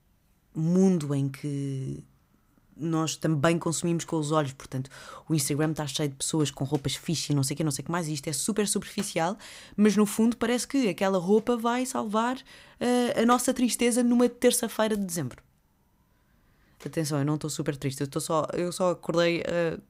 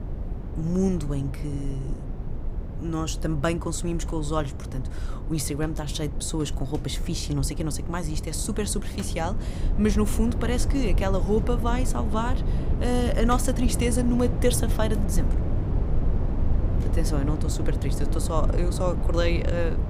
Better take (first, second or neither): first